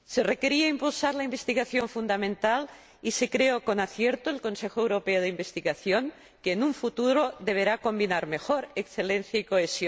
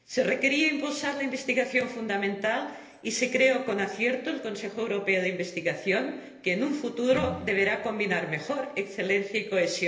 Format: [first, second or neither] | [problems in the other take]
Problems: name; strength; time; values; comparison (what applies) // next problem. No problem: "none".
first | background sound (Electric guitar); 13 dB below the speech // room echo; dies away in 1.4 s